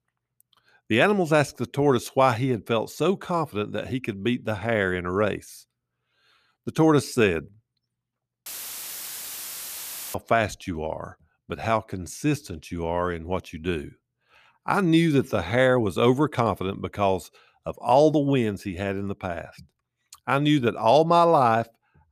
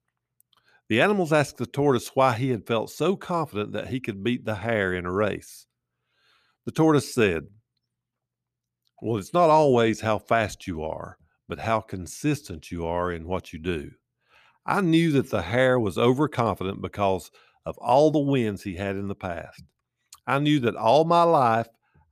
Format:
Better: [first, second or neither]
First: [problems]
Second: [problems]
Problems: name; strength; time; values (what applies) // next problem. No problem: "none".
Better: second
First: audio cutting out; filled with static; at 8.5 s for 1.5 s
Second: none